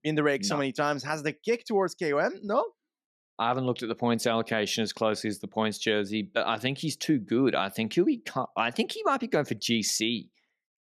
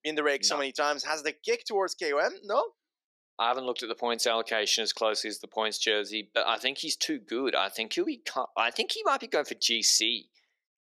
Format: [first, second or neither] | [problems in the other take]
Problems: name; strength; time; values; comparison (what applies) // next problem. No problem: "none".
first | thin; somewhat; fading below 400 Hz